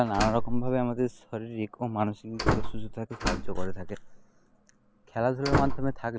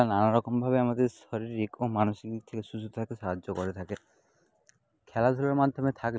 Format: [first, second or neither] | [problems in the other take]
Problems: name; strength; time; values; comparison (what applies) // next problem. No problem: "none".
second | background sound (Slam); as loud as the speech